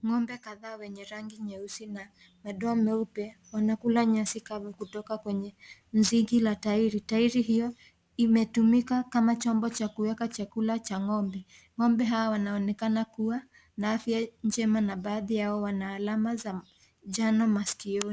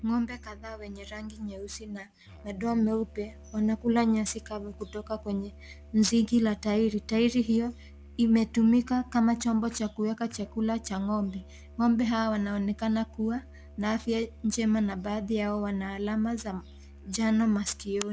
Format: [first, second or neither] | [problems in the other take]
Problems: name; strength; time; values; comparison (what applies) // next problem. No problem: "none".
first | background sound (Musical instrument); 20 dB below the speech